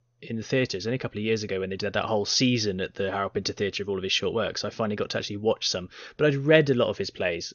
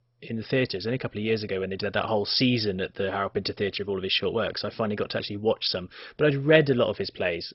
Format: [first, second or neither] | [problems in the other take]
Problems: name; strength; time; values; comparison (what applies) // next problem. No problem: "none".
first | garbled, watery; badly; nothing above 5.5 kHz; slightly in the first